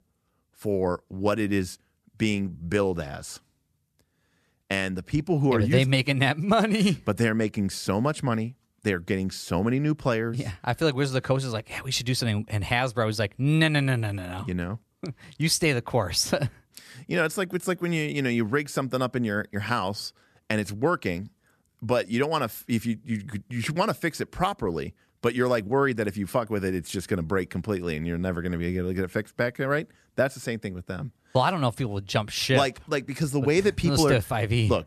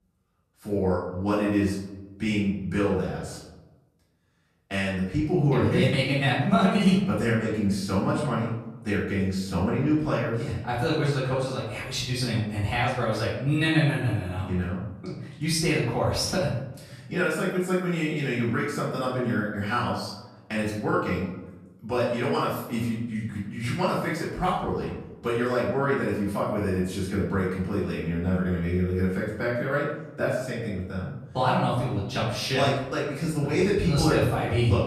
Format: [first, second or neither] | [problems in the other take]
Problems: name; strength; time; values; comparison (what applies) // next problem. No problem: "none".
first | room echo; noticeable; dies away in 0.8 s // off-mic speech; far